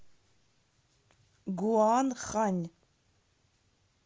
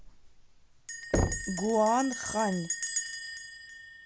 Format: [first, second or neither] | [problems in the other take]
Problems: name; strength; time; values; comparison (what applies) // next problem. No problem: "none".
first | background sound (Knock + Bell); 2 dB below the speech